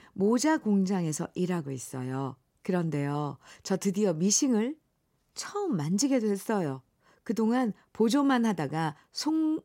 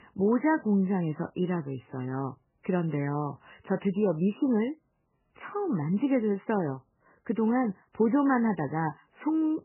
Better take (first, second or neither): first